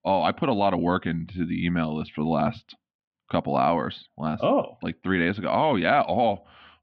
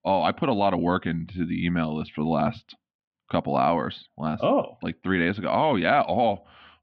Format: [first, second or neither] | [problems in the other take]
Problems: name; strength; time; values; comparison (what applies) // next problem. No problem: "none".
neither | muffled; very; fading above 3.5 kHz; the same in both